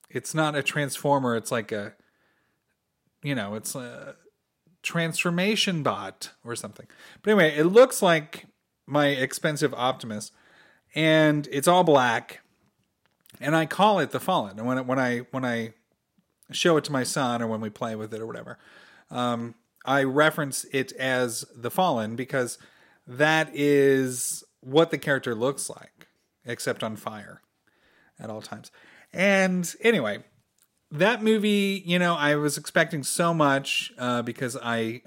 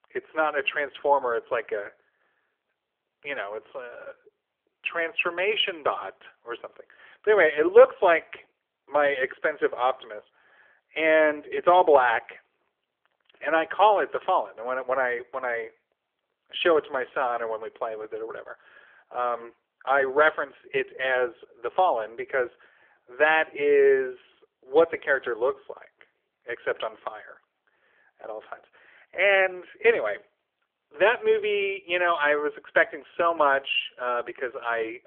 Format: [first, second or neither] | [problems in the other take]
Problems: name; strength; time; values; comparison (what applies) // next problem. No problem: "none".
first | phone-call audio; nothing above 3.5 kHz